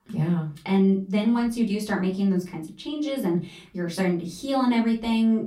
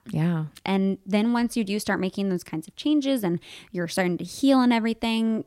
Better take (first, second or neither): second